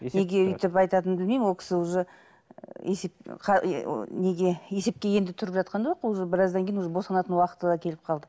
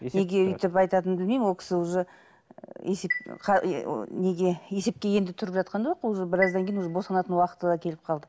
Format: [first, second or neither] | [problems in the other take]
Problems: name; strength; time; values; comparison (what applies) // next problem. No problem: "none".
first | background sound (Chime); 12 dB below the speech